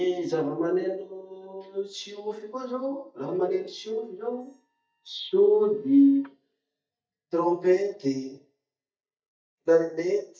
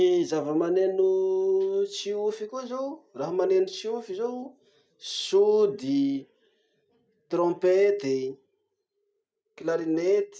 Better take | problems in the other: second | noise reduction (neural mask model DeepFilterNet 3)

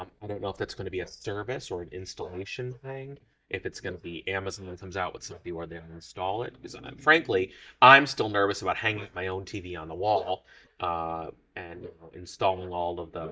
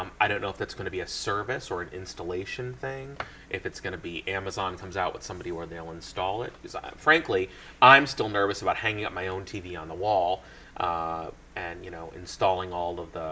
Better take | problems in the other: second | noise reduction (neural mask model DeepFilterNet 3)

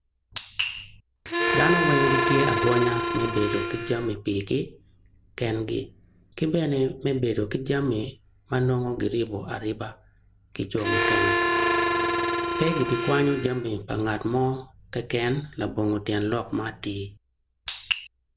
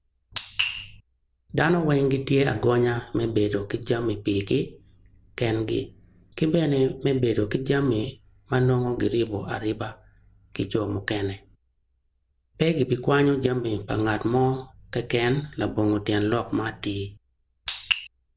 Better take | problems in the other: second | background sound (Harmonica); 2 dB above the speech

